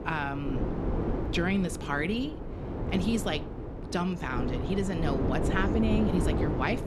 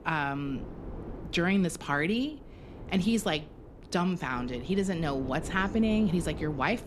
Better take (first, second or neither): second